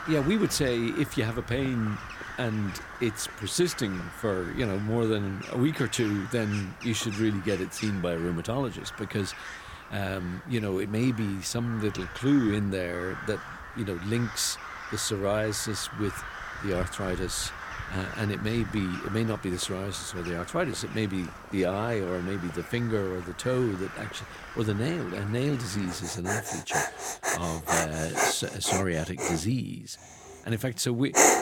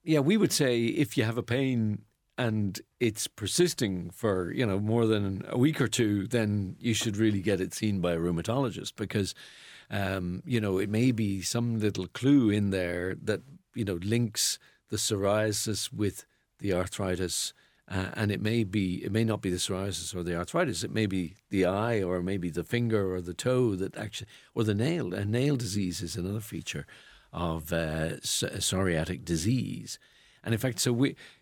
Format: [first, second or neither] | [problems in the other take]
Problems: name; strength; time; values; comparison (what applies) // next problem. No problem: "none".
second | animal sounds; loud; throughout; 6 dB below the speech